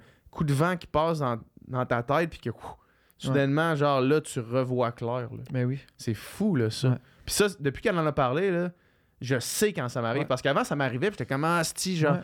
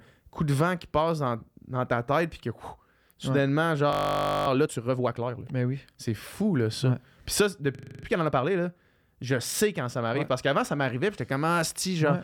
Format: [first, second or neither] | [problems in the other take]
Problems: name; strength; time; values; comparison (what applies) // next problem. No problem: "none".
first | audio freezing; at 4 s for 0.5 s and at 8 s